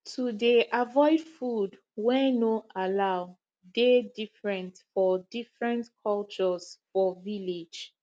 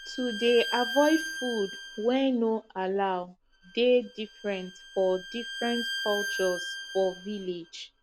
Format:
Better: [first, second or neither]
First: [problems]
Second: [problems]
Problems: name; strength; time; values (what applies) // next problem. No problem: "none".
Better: first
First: none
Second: background sound (Bowed string instrument); 9 dB below the speech